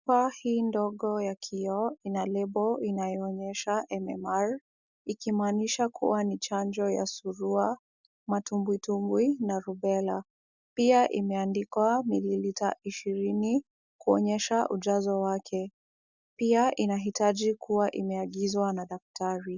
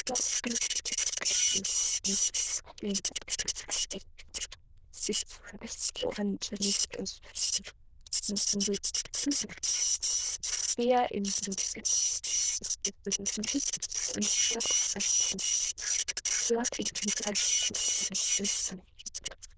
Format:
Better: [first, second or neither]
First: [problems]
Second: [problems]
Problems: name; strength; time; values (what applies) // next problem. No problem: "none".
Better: first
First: none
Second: noise reduction (neural diffusion model UNIVERSE++)